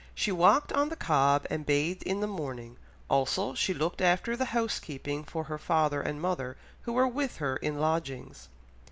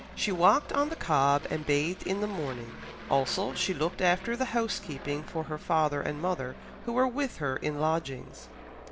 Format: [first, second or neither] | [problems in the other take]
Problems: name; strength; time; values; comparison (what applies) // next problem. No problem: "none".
first | background sound (Aircraft); 16 dB below the speech